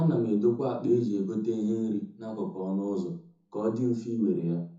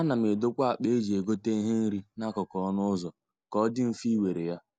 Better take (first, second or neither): second